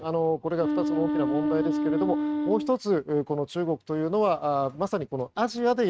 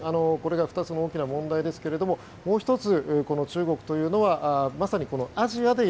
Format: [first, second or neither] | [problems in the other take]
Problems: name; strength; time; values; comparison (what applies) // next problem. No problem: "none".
second | noise reduction (neural mask model RNNoise)